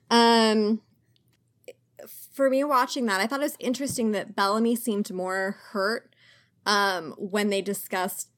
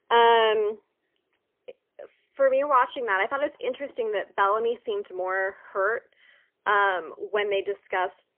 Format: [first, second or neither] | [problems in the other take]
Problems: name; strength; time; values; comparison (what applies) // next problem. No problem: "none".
first | phone-call audio; poor line; nothing above 3.5 kHz